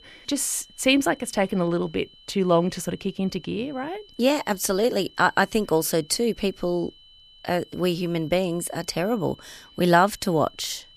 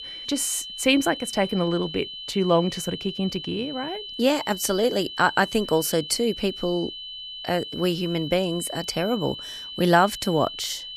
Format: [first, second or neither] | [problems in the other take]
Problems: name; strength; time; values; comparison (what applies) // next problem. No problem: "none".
first | high-pitched whine; loud; throughout; 3 kHz, 10 dB below the speech; faint in the first